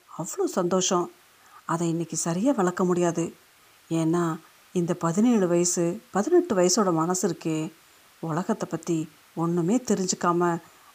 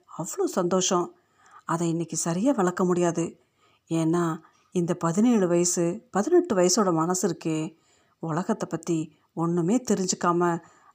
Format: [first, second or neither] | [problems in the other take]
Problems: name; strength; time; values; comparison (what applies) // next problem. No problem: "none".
second | hiss; faint; throughout; 30 dB below the speech